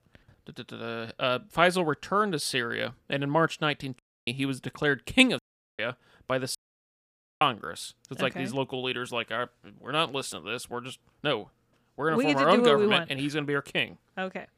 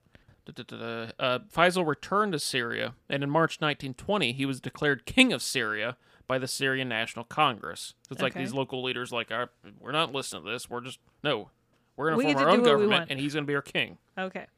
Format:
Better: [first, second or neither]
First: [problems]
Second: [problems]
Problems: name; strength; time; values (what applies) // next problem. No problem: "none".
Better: second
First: audio cutting out; at 4 s, at 5.5 s and at 6.5 s for 1 s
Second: none